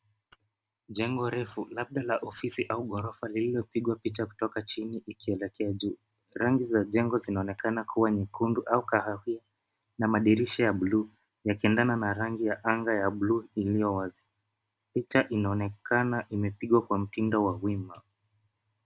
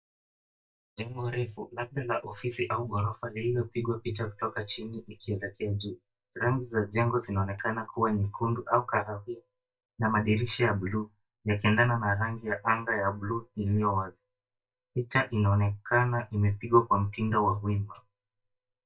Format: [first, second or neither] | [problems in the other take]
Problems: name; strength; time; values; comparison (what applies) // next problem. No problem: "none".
first | noise reduction (neural mask model DeepFilterNet 3)